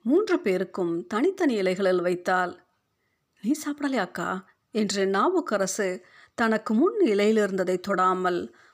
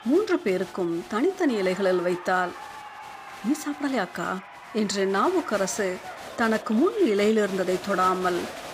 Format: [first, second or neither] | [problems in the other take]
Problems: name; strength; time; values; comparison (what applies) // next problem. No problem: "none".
first | crowd noise; noticeable; throughout; 15 dB below the speech